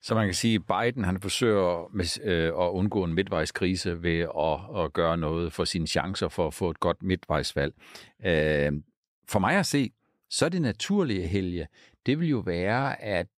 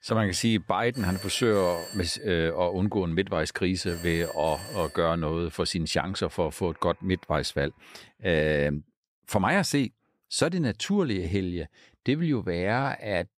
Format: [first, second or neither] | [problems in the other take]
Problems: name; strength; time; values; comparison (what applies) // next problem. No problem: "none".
first | alarms or sirens; noticeable; until 7.5 s; 15 dB below the speech